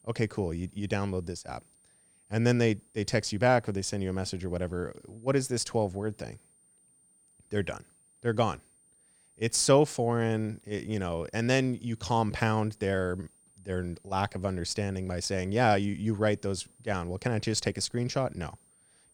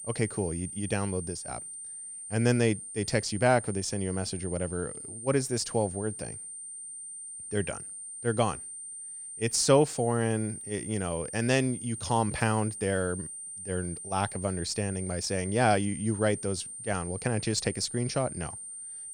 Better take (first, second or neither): first